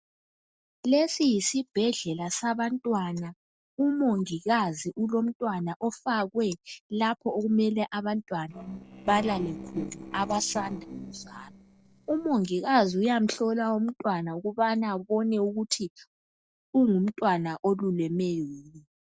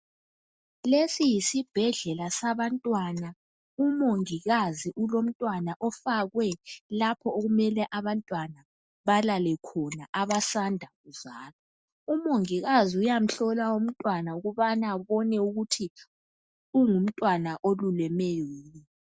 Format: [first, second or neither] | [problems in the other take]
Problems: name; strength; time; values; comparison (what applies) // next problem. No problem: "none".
second | noise reduction (neural separator model SepFormer DNS4)